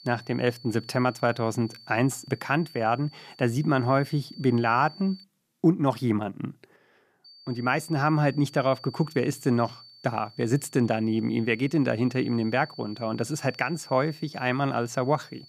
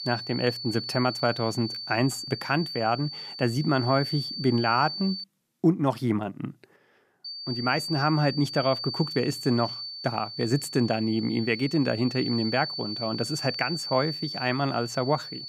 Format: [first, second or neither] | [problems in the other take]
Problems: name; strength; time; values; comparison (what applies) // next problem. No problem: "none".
first | high-pitched whine; loud; until 5 s and from 7.5 s on; 4.5 kHz, 7 dB below the speech; faint in the first